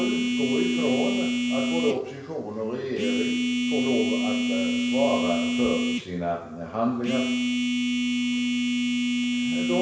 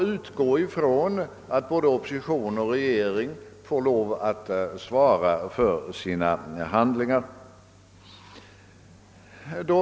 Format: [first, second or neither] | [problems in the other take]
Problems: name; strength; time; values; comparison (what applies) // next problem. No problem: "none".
second | background sound (Telephone); 4 dB above the speech // room echo; dies away in 0.7 s